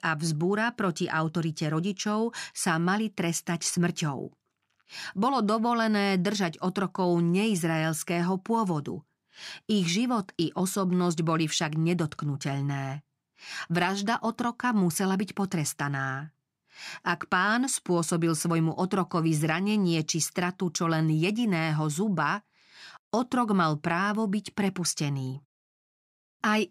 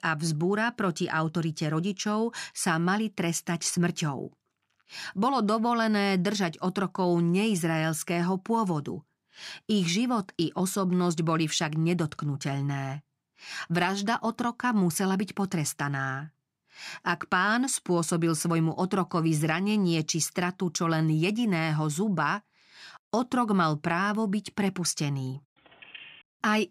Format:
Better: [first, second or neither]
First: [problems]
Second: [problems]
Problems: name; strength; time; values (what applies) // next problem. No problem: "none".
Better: first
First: none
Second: phone ringing; faint; at 26 s; peak 15 dB below the speech